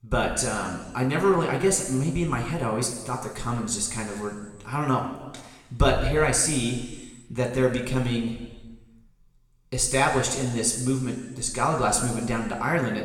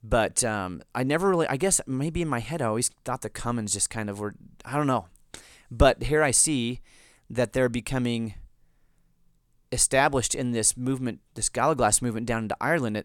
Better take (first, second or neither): second